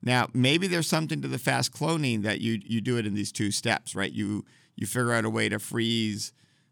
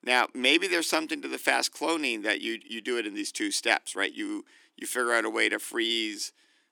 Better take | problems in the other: first | thin; somewhat; fading below 300 Hz

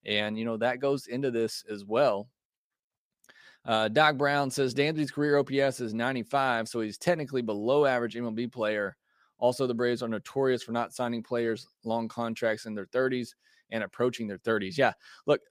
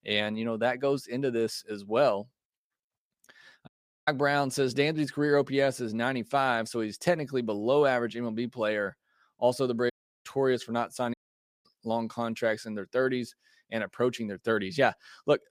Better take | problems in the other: first | audio cutting out; at 3.5 s, at 10 s and at 11 s for 0.5 s

